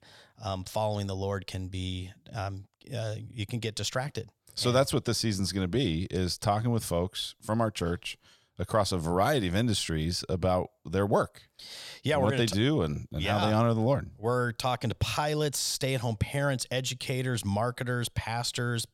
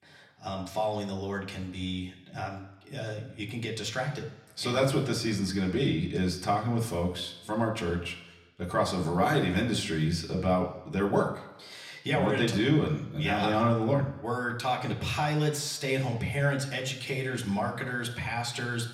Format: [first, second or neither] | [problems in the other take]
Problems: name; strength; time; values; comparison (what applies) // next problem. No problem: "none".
first | room echo; slight; dies away in 0.9 s // off-mic speech; somewhat distant